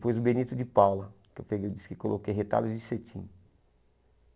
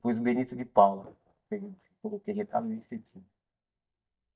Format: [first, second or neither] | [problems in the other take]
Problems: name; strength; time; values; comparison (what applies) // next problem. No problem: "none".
first | noise reduction (neural mask model DeepFilterNet 3)